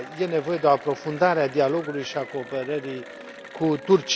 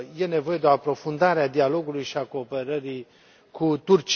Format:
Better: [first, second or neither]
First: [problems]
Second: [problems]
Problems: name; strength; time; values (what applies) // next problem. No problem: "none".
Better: second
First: background sound (Applause / Cheering); 16 dB below the speech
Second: none